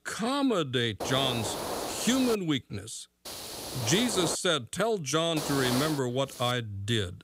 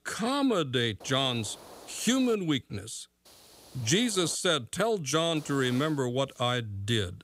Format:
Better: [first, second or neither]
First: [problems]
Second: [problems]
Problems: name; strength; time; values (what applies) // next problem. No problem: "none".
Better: second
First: hiss; loud; from 1 to 2.5 s, from 3.5 to 4.5 s and from 5.5 to 6.5 s; 7 dB below the speech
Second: hiss; faint; from 1 to 2.5 s, from 3.5 to 4.5 s and from 5.5 to 6.5 s; 20 dB below the speech